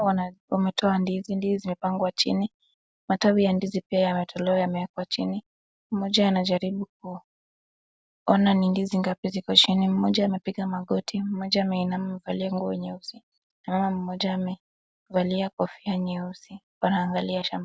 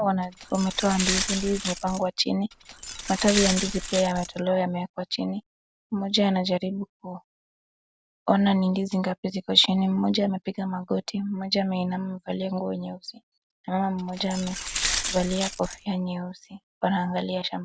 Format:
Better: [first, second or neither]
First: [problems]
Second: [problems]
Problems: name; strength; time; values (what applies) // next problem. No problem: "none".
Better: first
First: none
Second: background sound (Glass); 5 dB below the speech